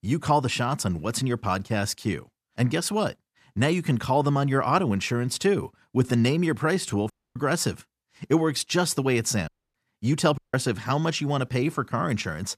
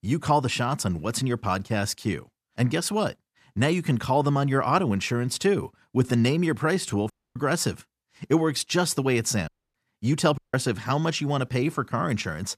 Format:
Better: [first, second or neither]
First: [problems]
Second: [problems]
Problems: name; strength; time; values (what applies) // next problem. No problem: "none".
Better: neither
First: audio cutting out; at 7 s, at 9.5 s and at 10 s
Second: audio cutting out; at 7 s, at 9.5 s and at 10 s